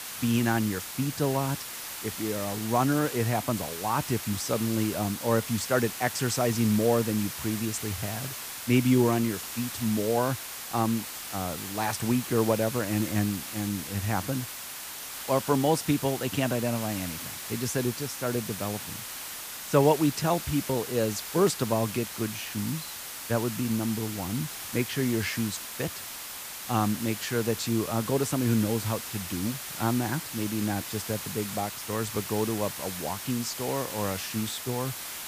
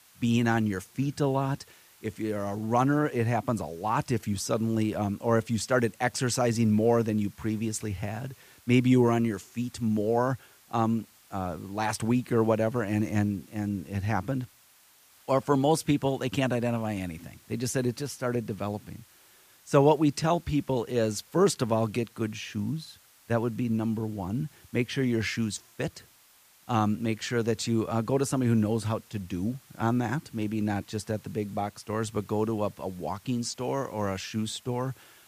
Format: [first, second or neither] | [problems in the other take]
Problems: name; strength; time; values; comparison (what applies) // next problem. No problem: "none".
second | hiss; loud; throughout; 7 dB below the speech; faint in the second